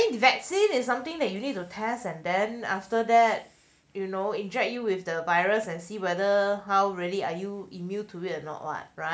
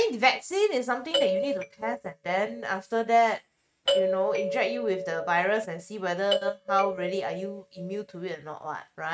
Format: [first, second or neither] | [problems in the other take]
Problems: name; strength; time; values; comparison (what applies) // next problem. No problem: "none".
first | noise reduction (neural mask model RNNoise)